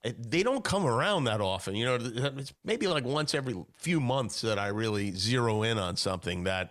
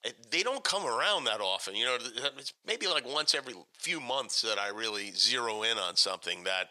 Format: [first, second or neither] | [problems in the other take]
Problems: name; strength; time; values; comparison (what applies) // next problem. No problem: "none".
first | thin; very; fading below 500 Hz